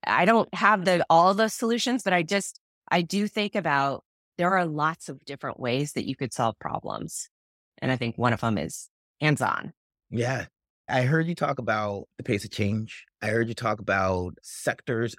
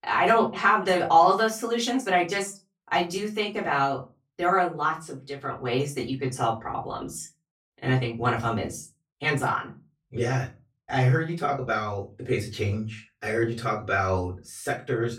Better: first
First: none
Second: off-mic speech; far // room echo; very slight; dies away in 0.2 s

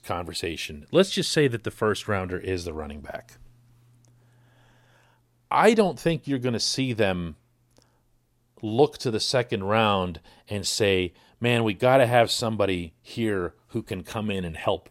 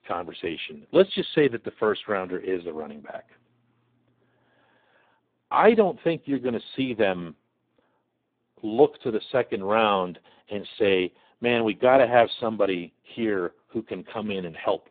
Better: first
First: none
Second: phone-call audio; poor line; nothing above 4 kHz

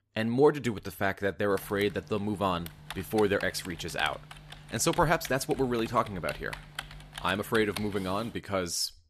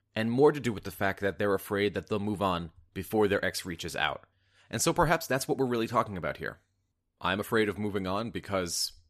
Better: second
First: keyboard typing; noticeable; from 1.5 to 8.5 s; peak 10 dB below the speech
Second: none

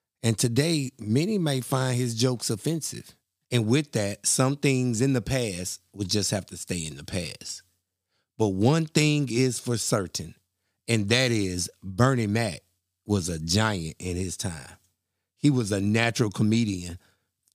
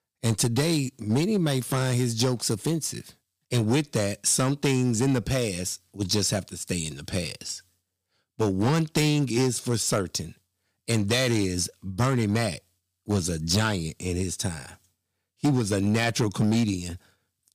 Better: first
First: none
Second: distortion; slight; 5% of the sound clipped

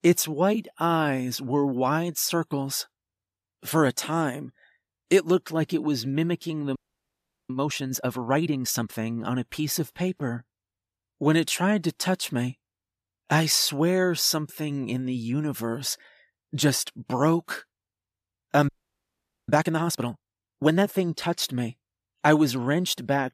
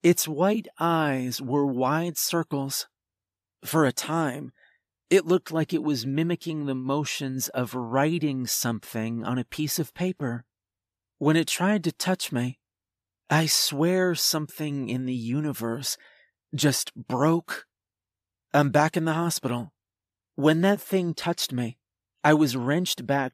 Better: second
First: audio freezing; at 7 s for 0.5 s and at 19 s for 1 s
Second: none

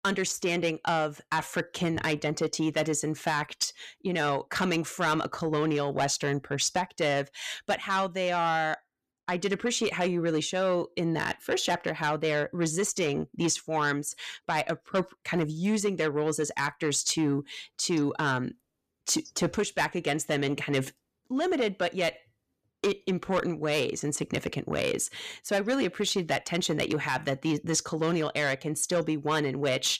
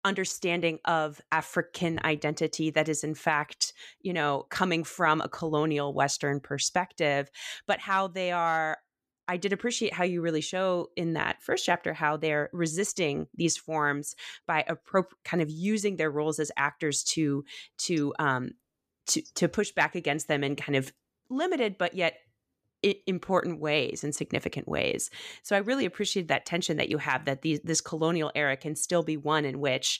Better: second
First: distortion; slight; 10 dB below the speech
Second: none

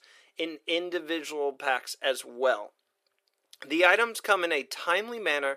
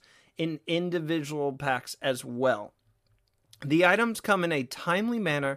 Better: second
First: thin; very; fading below 400 Hz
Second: none

